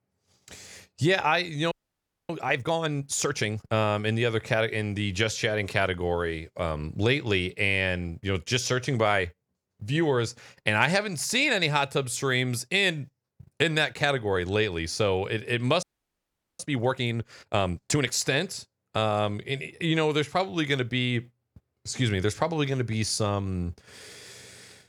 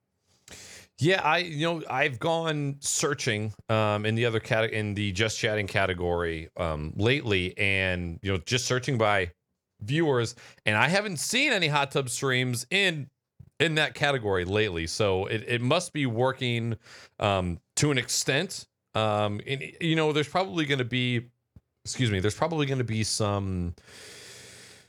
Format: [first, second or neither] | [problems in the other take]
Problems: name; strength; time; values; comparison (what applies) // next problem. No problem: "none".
second | audio freezing; at 1.5 s for 0.5 s and at 16 s for 1 s